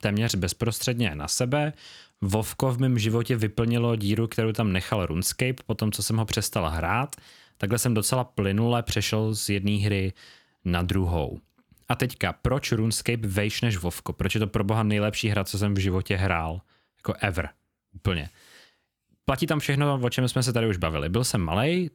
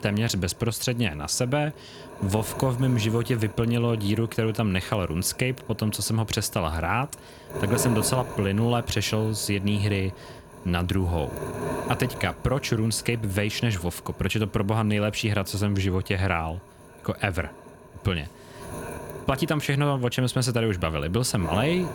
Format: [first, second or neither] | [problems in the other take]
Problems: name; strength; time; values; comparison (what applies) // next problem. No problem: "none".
first | wind noise on the microphone; occasional gusts; 10 dB below the speech